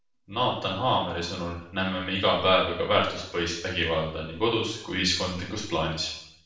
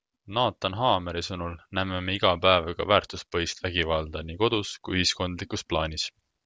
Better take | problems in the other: second | room echo; dies away in 0.7 s

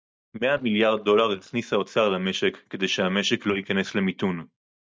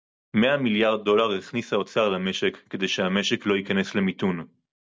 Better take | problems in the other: second | noise reduction (neural mask model DeepFilterNet 3)

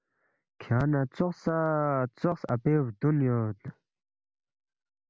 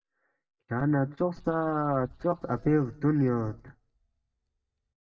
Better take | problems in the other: first | noise reduction (neural mask model DeepFilterNet 3)

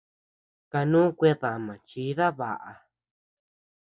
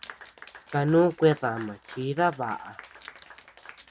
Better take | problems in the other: first | background sound (Applause / Clapping + Wild animals); 19 dB below the speech

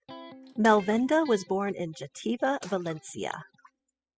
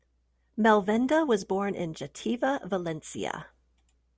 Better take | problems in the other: second | noise reduction (classical method spectral subtraction)

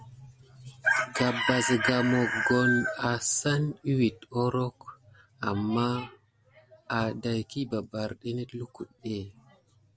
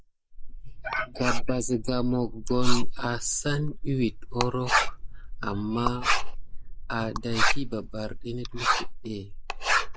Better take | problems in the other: first | noise reduction (neural mask model Resemble Enhance denoiser)

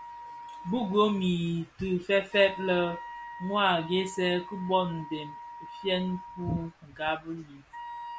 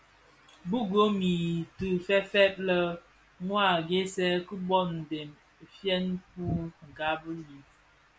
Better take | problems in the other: second | background sound (Wind instrument, woodwind instrument); 14 dB below the speech

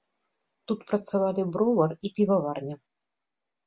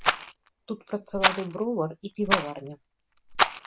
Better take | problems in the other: first | background sound (Rattle); 3 dB above the speech

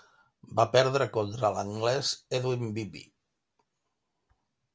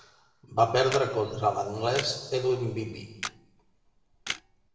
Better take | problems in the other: first | background sound (Camera); 12 dB below the speech // room echo; dies away in 1.1 s

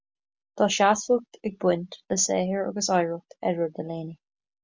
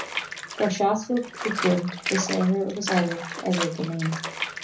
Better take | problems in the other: first | background sound (Bathtub (filling or washing) / Water); 7 dB below the speech // room echo; dies away in 0.4 s

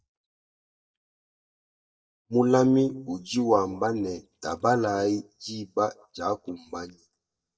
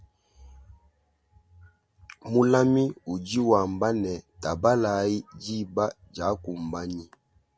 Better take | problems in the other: second | noise reduction (neural mask model DeepFilterNet 3)

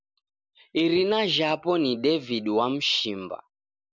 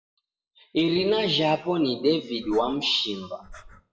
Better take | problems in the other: first | noise reduction (classical method WPE with log-MMSE)

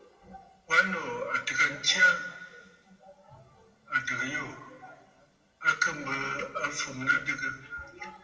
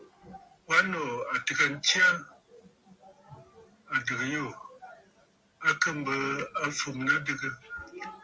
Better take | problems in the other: second | room echo; dies away in 1.1 s

